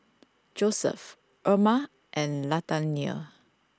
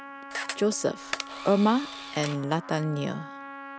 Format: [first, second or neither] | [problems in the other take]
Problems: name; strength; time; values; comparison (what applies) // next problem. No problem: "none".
first | background sound (Trumpet + Camera); 10 dB below the speech